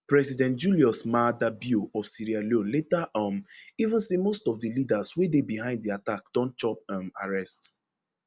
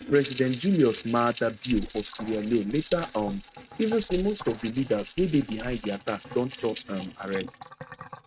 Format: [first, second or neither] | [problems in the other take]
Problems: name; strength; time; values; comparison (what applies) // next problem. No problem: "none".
first | noise reduction (neural mask model RNNoise)